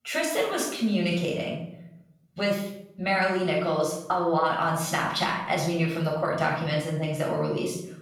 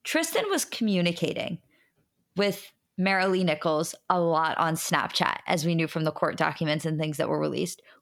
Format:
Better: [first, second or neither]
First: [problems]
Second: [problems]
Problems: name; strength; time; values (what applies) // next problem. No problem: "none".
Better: second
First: off-mic speech; far // room echo; noticeable; dies away in 0.6 s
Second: none